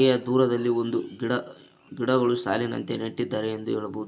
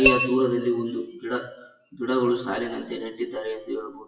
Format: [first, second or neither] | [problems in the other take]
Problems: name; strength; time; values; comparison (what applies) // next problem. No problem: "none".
first | noise reduction (classical method WPE with log-MMSE)